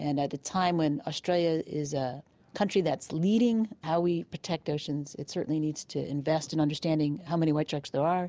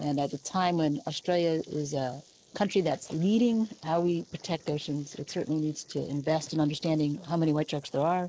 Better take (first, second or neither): first